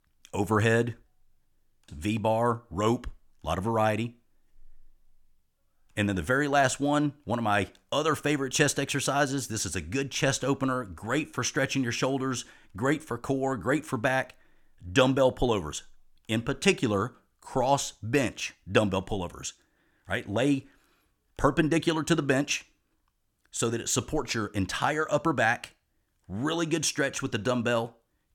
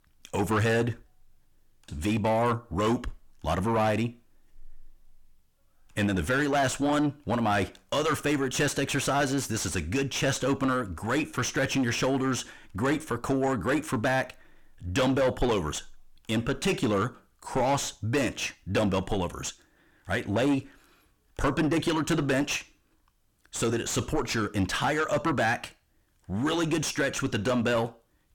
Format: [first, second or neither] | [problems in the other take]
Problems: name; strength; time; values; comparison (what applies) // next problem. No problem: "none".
first | distortion; heavy; 6 dB below the speech